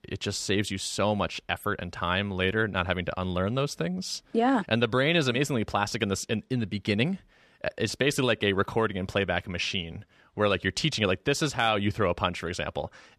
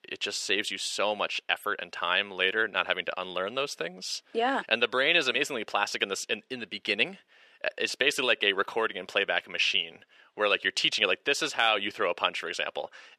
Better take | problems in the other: first | thin; somewhat; fading below 450 Hz

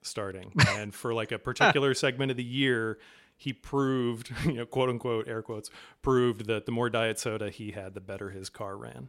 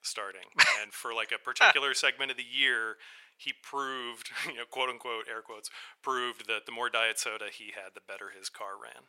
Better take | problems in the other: first | thin; very; fading below 900 Hz

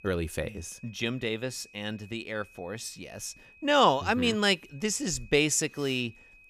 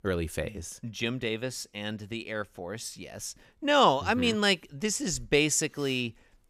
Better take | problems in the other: second | high-pitched whine; faint; throughout; 2.5 kHz, 25 dB below the speech

